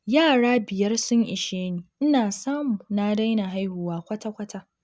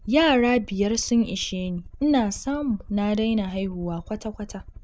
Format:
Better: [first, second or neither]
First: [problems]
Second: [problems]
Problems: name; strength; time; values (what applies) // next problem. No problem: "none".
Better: first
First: none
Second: background sound (Aircraft); 18 dB below the speech